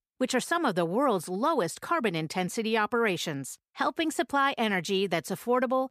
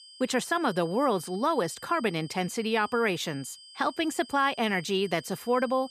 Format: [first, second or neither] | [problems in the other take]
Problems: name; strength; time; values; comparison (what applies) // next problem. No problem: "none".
first | high-pitched whine; noticeable; throughout; 5 kHz, 20 dB below the speech